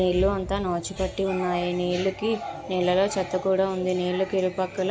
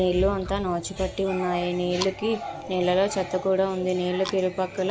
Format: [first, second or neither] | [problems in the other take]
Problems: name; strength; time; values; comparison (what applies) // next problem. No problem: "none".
first | background sound (Chewing, mastication); 20 dB below the speech